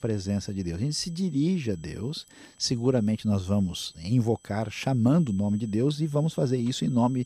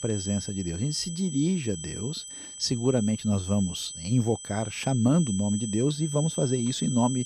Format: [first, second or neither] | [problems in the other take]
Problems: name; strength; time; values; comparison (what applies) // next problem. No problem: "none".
first | high-pitched whine; loud; throughout; 8 kHz, 9 dB below the speech; faint in the first